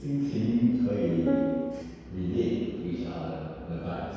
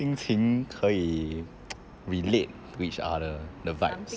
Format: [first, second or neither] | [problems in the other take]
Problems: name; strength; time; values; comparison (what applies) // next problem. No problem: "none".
second | background sound (Piano); as loud as the speech // room echo; dies away in 2 s